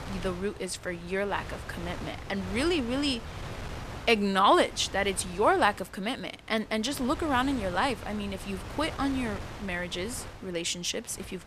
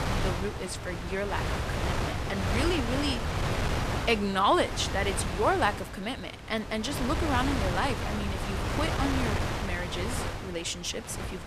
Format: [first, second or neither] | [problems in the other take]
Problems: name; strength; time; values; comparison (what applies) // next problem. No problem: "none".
first | wind noise on the microphone; heavy; 3 dB below the speech; occasional gusts in the first